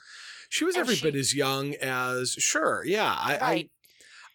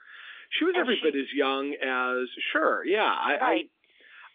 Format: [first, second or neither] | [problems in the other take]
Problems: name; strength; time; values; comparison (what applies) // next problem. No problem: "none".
first | phone-call audio; nothing above 3.5 kHz